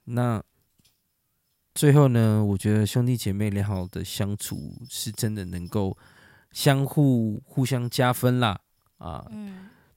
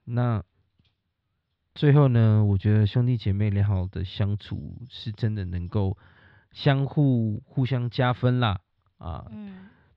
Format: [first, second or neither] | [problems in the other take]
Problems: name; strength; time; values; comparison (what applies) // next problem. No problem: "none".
first | muffled; slightly; fading above 4 kHz